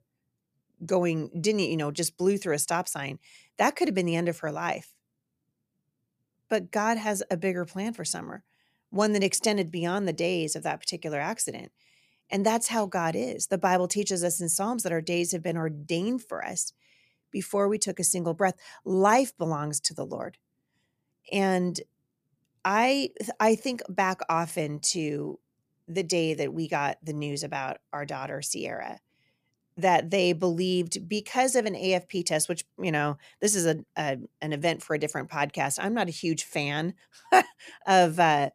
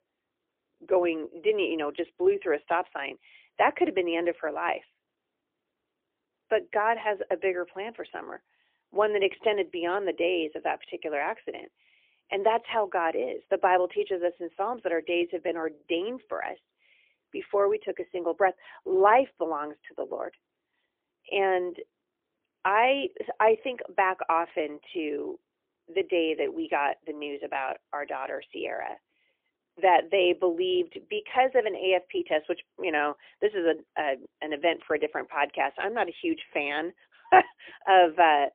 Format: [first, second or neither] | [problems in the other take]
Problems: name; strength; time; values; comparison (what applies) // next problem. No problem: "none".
first | phone-call audio; poor line; nothing above 3 kHz